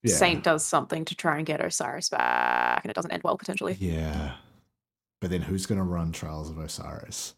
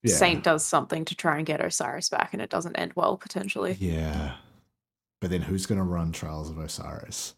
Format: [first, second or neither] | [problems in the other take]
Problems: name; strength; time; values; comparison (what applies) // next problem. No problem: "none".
second | audio freezing; at 2 s for 0.5 s